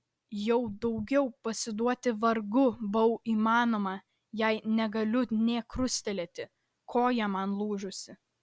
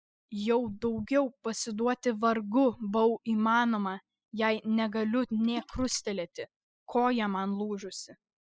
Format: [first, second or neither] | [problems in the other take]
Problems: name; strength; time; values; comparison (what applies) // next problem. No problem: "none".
first | noise reduction (classical method spectral subtraction)